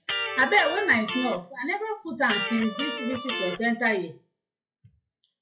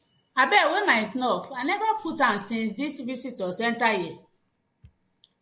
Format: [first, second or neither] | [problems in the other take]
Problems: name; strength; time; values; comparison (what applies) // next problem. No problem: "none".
second | noise reduction (classical method WPE with log-MMSE)